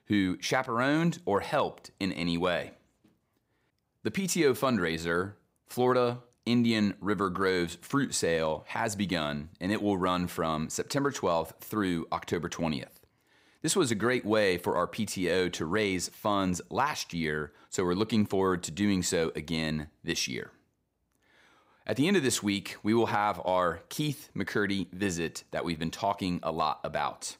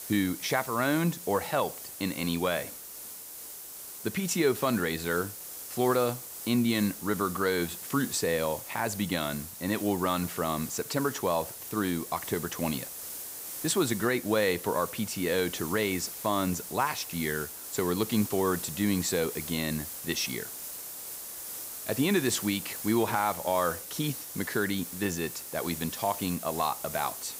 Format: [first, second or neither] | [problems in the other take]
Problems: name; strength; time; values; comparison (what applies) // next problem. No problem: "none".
first | hiss; loud; throughout; 8 dB below the speech